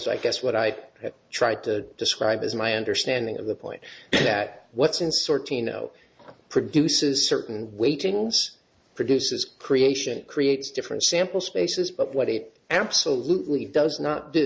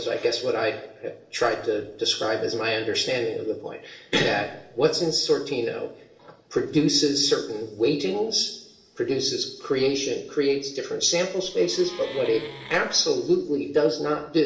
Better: first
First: none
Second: noise reduction (neural separator model SepFormer DNS4)

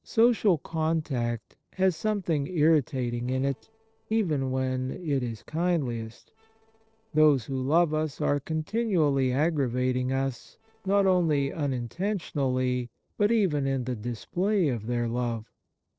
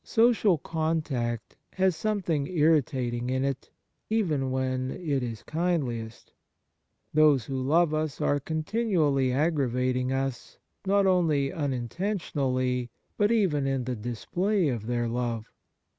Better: second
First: noise reduction (neural separator model SepFormer DNS4)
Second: none

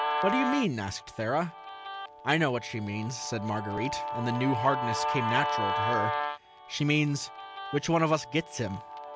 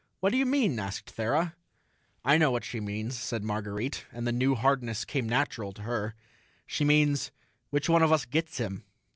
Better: second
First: background sound (Guitar); 3 dB below the speech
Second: none

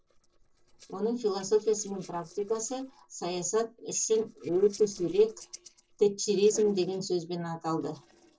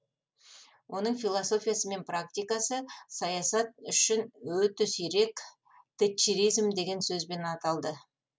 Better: second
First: noise reduction (neural separator model SepFormer DNS4)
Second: none

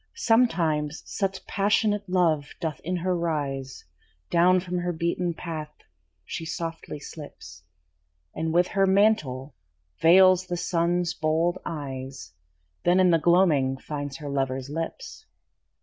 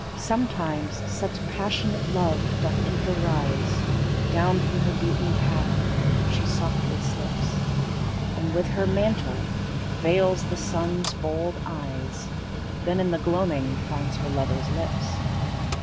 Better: first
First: none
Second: background sound (Mechanical fan); 3 dB above the speech

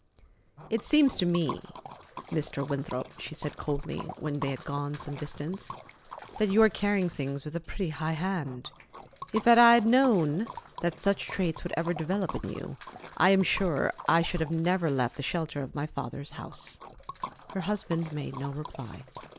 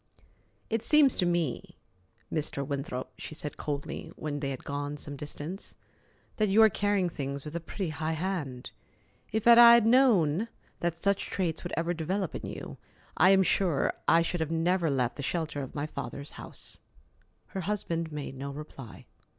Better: second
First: background sound (Liquid); 16 dB below the speech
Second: none

